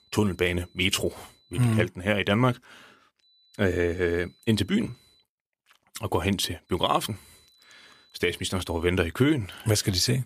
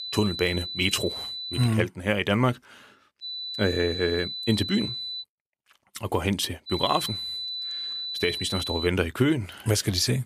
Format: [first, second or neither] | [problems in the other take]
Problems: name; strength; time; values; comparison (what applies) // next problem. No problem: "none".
first | high-pitched whine; loud; until 1.5 s, from 3 to 5 s and from 6.5 to 9 s; 4 kHz, 5 dB below the speech; faint in the first